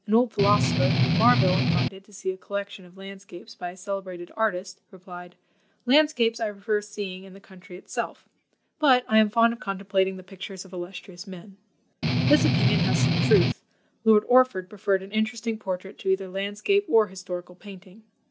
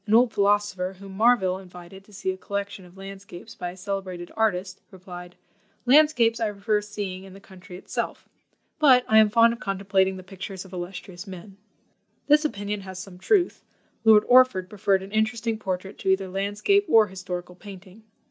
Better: second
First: background sound (Strum); 4 dB above the speech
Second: none

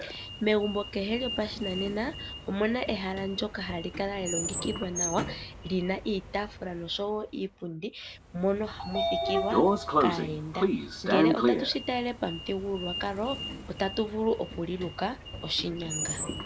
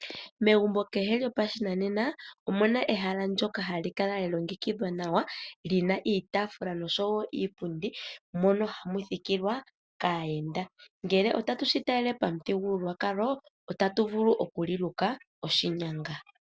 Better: second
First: background sound (Sliding door); 1 dB below the speech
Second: none

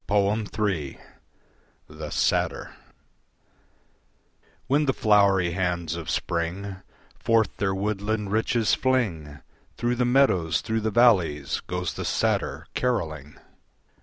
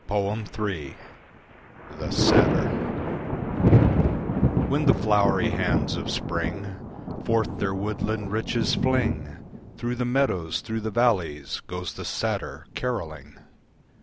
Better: first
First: none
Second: background sound (Thunder); 1 dB above the speech

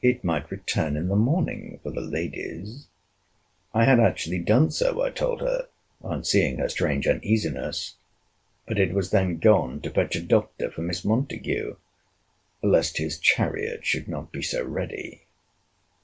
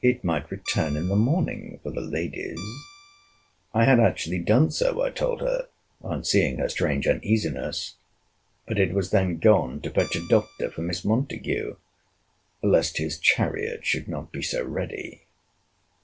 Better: first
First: none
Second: background sound (Guitar); 19 dB below the speech

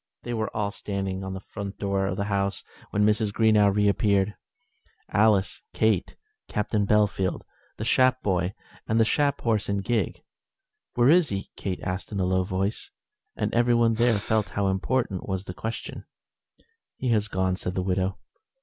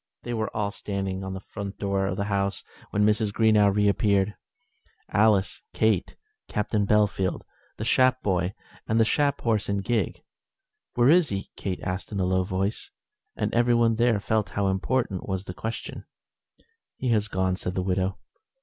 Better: second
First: background sound (Breathing); 18 dB below the speech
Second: none

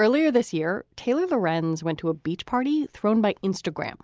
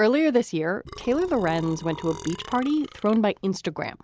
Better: first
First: none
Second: background sound (Burping, eructation); 17 dB below the speech

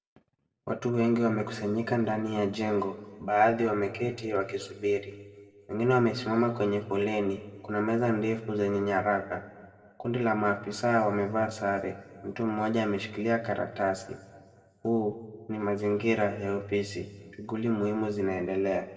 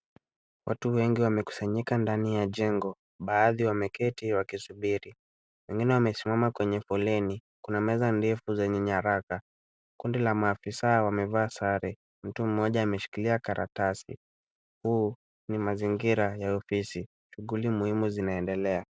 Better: second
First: room echo; dies away in 1.4 s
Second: none

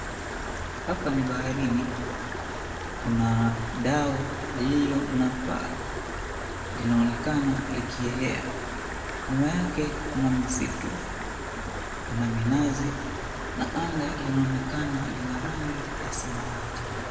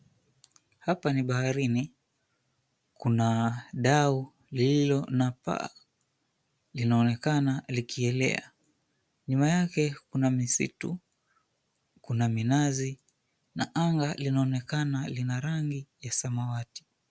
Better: second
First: background sound (Stream); 4 dB below the speech // room echo; dies away in 1.7 s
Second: none

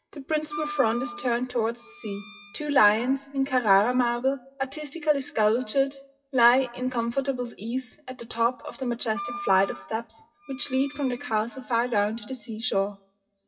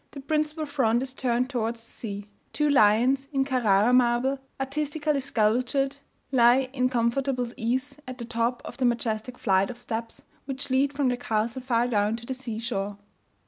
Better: second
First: noise reduction (classical method WPE with log-MMSE)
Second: none

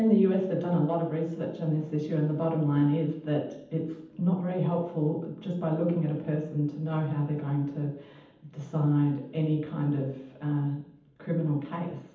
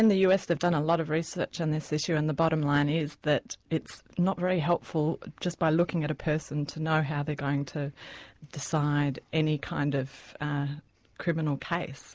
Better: second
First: room echo; dies away in 0.8 s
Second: none

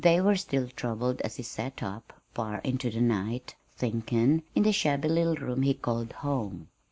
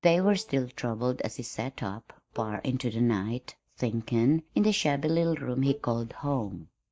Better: first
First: none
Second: noise reduction (neural mask model DeepFilterNet 3)

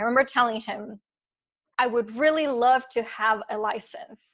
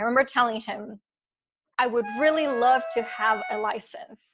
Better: first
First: none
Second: background sound (Wind instrument, woodwind instrument); 9 dB below the speech

